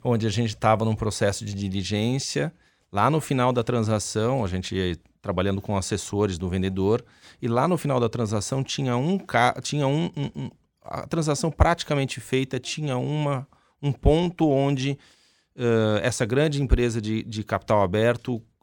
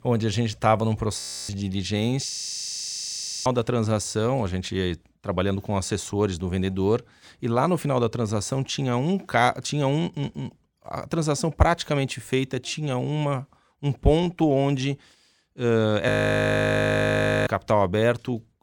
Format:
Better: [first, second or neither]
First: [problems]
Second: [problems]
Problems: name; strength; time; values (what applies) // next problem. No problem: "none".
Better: first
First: none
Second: audio freezing; at 1 s, at 2.5 s for 1 s and at 16 s for 1.5 s